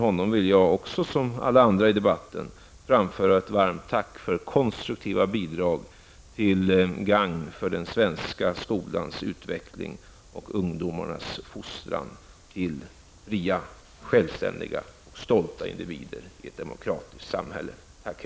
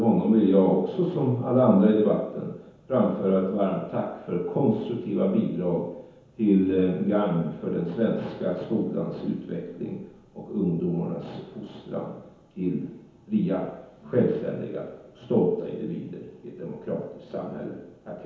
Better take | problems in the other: first | room echo; dies away in 1 s

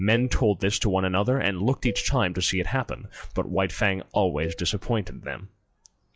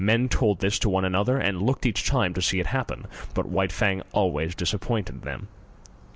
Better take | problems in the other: second | noise reduction (classical method log-MMSE)

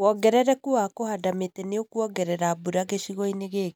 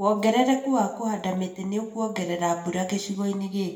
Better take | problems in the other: first | room echo; dies away in 0.6 s

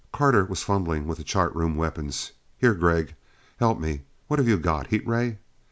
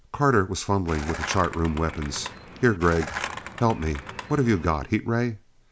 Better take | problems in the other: first | background sound (Skateboard); 11 dB below the speech

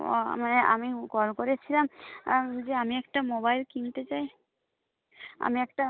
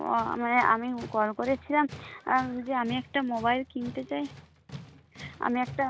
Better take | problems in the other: first | background sound (Tools); 18 dB below the speech

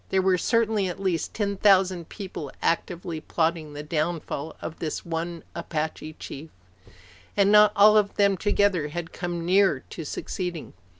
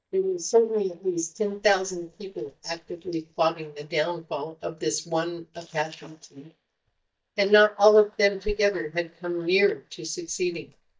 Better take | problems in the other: first | noise reduction (neural mask model DeepFilterNet 3)

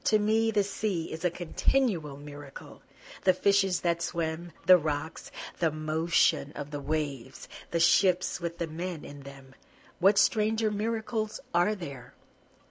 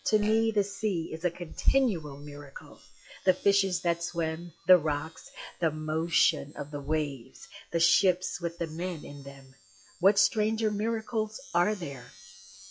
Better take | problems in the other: first | noise reduction (classical method log-MMSE)

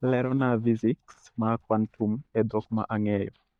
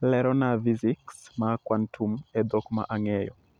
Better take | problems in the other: second | noise reduction (neural mask model DeepFilterNet 3)

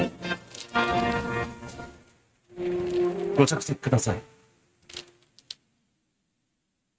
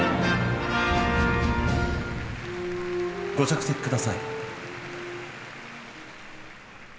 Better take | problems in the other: second | noise reduction (neural mask model RNNoise)

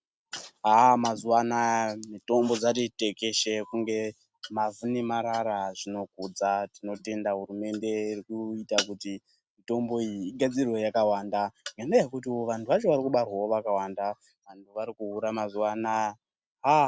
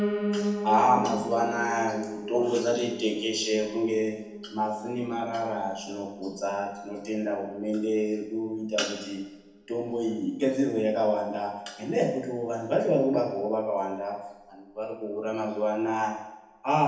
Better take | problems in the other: first | background sound (Piano); 10 dB below the speech // room echo; dies away in 0.9 s

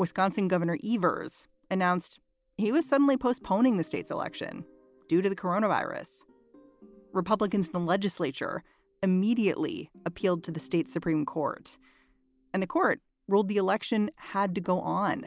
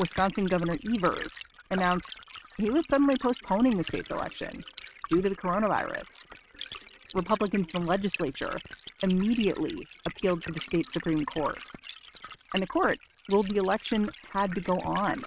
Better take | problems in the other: first | noise reduction (neural mask model RNNoise)

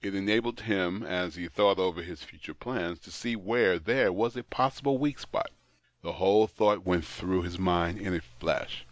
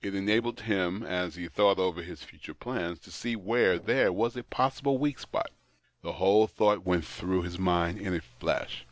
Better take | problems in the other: first | noise reduction (neural separator model SepFormer DNS4)

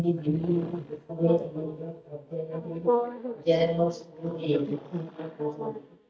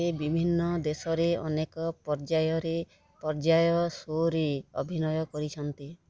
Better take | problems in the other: second | noise reduction (neural mask model DeepFilterNet 3)

